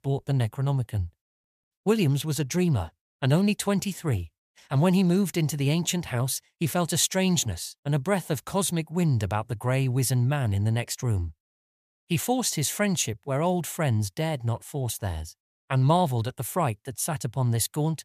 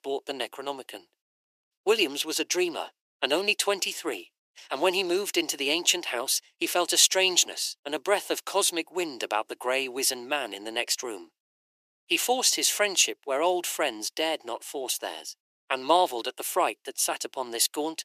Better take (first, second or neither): first